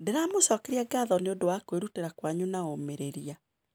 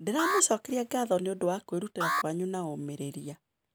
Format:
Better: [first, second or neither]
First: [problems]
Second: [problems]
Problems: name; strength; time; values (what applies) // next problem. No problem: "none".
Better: first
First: none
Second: background sound (Alarm); 5 dB below the speech